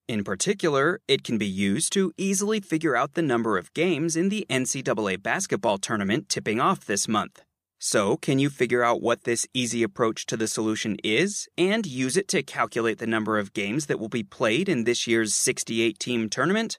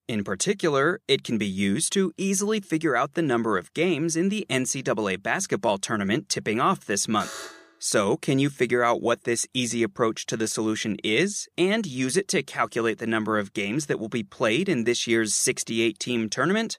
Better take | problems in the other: first | alarm; faint; at 7 s; peak 10 dB below the speech

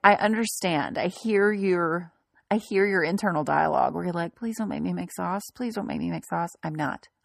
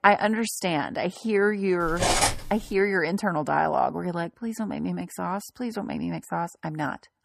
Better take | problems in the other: first | clattering dishes; loud; at 2 s; peak 5 dB above the speech

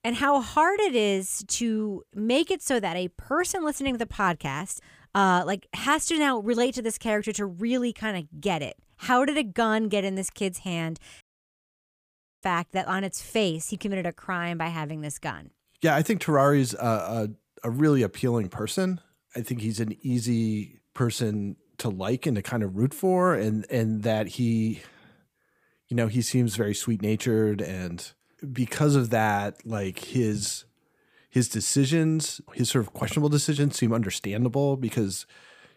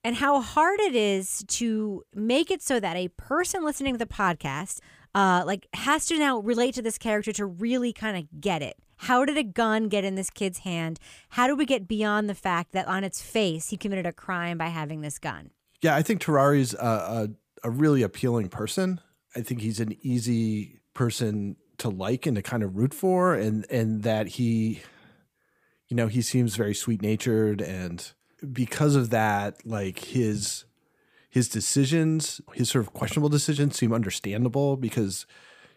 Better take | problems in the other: second | audio cutting out; at 11 s for 1 s

